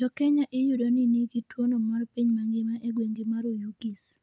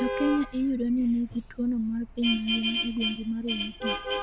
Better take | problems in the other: first | background sound (Vehicle horn, car horn, honking); 5 dB below the speech

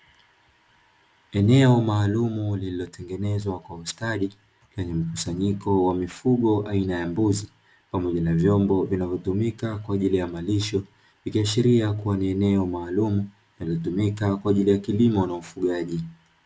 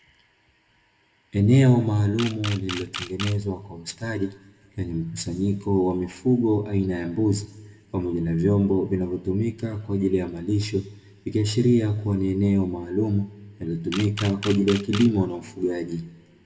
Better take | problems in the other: first | background sound (Camera); 13 dB below the speech // room echo; dies away in 0.9 s

